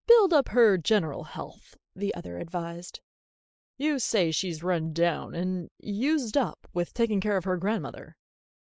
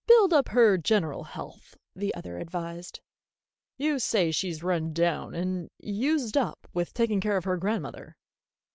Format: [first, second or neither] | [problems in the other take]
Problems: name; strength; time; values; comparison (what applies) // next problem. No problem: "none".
second | noise reduction (neural mask model Resemble Enhance denoiser)